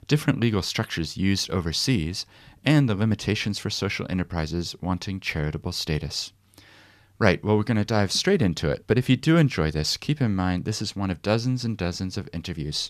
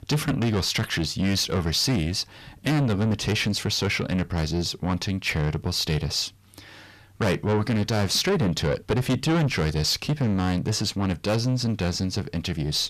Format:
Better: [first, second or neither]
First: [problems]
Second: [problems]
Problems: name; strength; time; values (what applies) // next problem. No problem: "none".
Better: first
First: none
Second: distortion; heavy; 7 dB below the speech